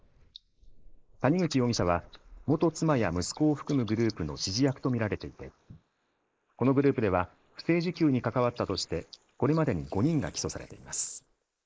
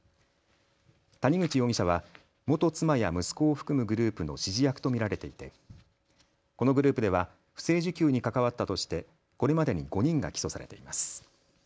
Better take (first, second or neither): second